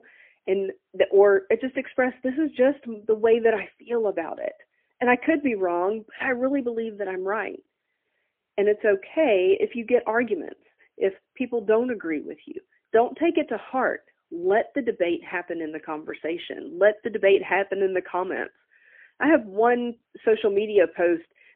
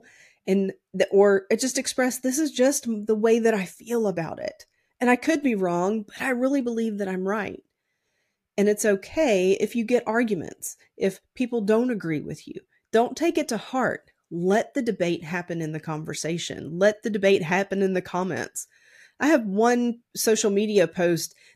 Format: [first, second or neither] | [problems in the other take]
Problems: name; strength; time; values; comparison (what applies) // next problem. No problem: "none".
second | phone-call audio; poor line